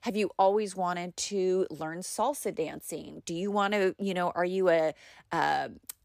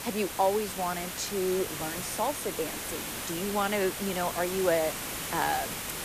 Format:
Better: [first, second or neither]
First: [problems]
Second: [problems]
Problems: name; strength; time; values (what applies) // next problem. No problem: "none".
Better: first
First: none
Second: hiss; loud; throughout; 4 dB below the speech